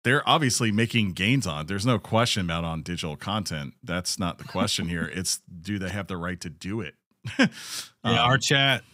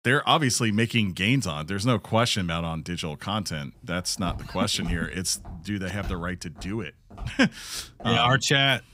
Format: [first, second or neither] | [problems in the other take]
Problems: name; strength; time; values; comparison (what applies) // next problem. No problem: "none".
first | footsteps; faint; from 4 to 8 s; peak 15 dB below the speech